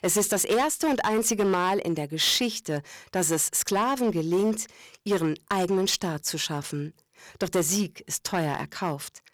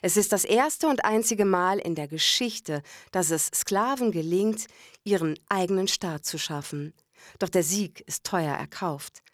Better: second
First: distortion; slight; 8% of the sound clipped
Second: none

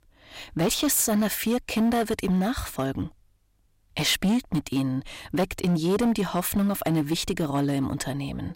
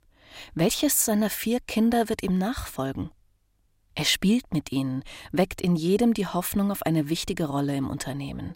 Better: second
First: distortion; slight; 9% of the sound clipped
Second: none

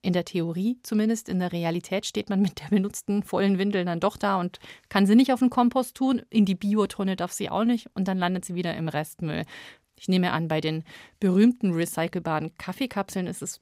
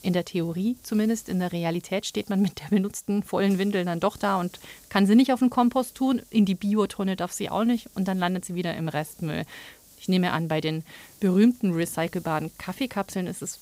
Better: first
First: none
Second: hiss; faint; throughout; 25 dB below the speech

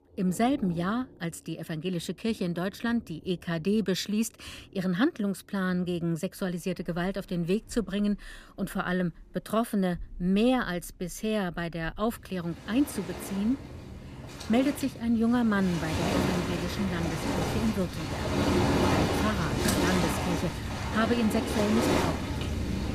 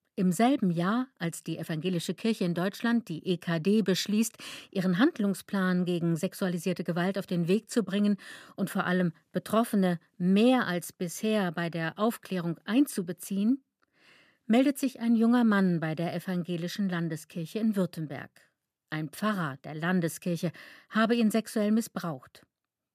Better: second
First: rain or running water; loud; throughout; 1 dB below the speech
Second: none

